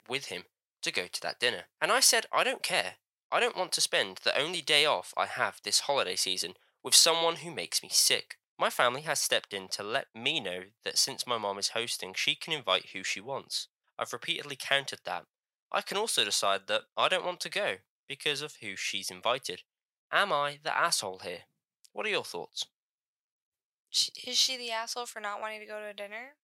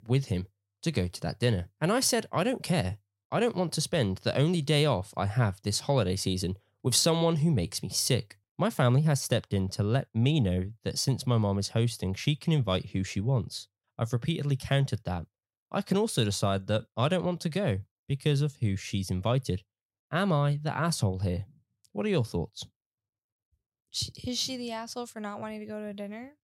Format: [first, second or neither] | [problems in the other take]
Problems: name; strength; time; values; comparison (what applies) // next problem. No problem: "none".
second | thin; very; fading below 700 Hz